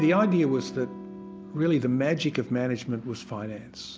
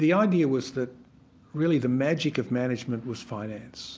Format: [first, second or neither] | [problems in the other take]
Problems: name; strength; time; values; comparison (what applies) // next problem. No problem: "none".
second | background sound (Electric guitar / Strum); 15 dB below the speech